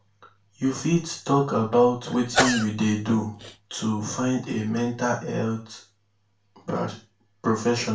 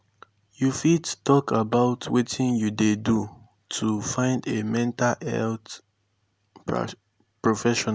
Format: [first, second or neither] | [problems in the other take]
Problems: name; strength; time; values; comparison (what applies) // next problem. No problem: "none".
second | background sound (Sneeze / Cough); 3 dB below the speech // room echo; dies away in 0.3 s